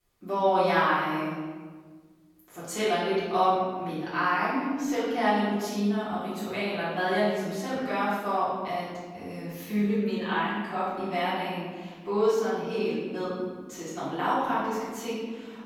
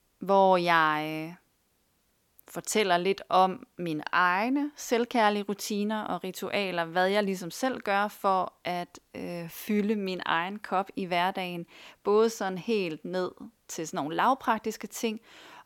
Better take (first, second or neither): second